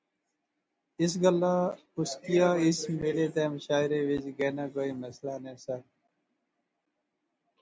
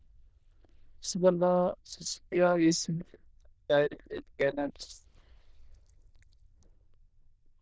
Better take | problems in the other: first | noise reduction (neural diffusion model UNIVERSE++)

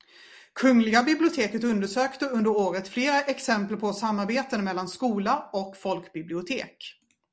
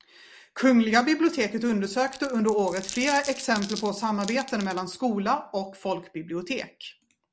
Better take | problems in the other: first | background sound (Glass); 15 dB below the speech

